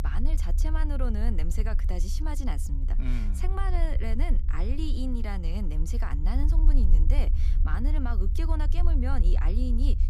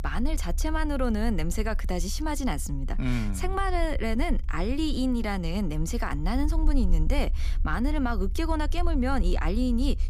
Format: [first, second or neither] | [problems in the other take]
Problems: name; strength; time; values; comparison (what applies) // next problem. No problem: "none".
second | low rumble; loud; throughout; 10 dB below the speech; faint in the second